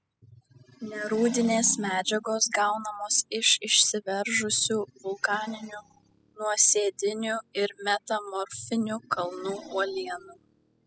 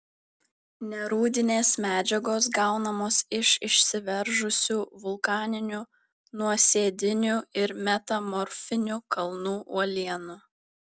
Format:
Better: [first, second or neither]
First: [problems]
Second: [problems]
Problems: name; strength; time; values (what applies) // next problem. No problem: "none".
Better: second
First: noise reduction (classical method spectral subtraction)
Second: none